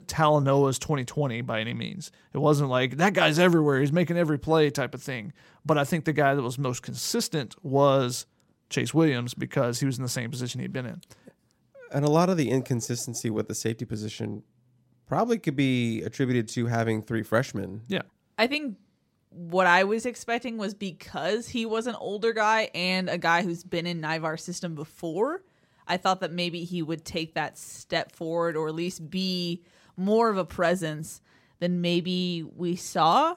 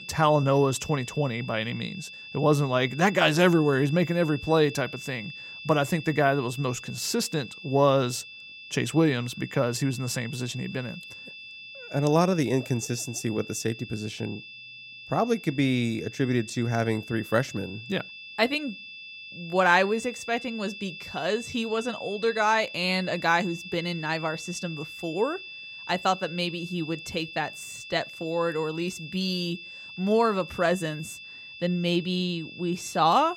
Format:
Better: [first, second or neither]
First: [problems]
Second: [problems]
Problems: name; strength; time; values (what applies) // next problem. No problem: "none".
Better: first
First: none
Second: high-pitched whine; noticeable; throughout; 2.5 kHz, 15 dB below the speech